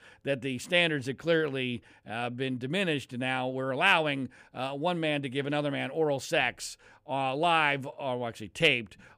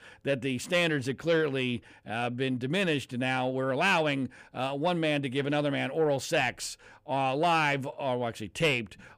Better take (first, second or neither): first